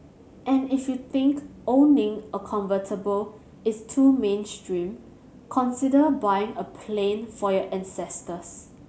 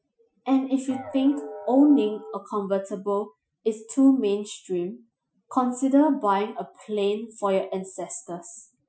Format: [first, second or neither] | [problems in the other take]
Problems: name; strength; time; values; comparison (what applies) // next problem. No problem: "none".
first | noise reduction (classical method Wiener filter)